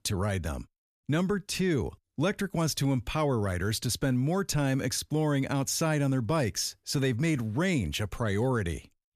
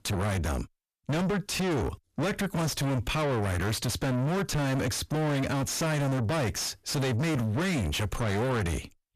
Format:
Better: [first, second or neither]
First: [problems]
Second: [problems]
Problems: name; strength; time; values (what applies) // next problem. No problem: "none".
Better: first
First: none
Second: distortion; heavy; 6 dB below the speech